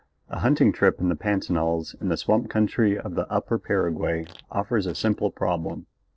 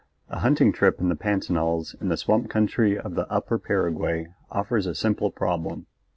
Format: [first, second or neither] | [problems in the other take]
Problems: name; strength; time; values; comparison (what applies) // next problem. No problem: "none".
second | noise reduction (neural separator model SepFormer DNS4)